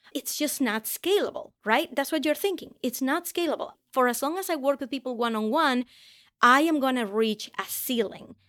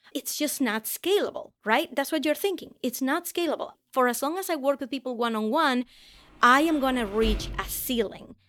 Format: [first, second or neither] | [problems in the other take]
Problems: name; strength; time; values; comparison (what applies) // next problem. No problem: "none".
first | door banging; noticeable; from 6.5 to 7.5 s; peak 7 dB below the speech